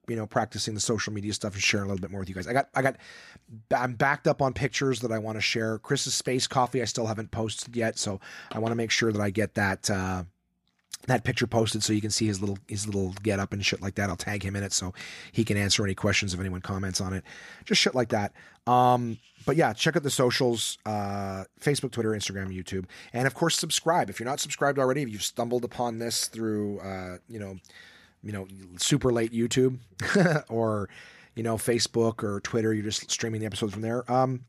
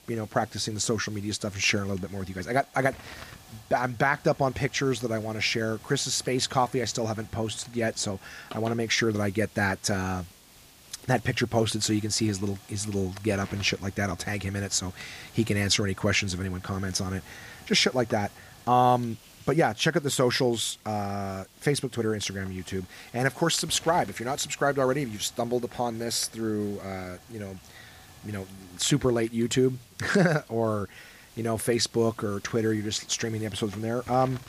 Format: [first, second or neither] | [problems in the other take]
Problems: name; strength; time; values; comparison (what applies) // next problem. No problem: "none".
first | hiss; faint; throughout; 20 dB below the speech